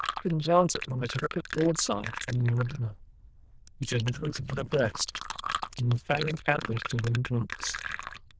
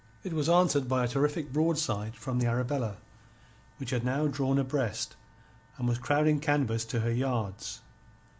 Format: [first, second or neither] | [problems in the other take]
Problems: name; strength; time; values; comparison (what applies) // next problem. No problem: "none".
second | noise reduction (neural diffusion model UNIVERSE++)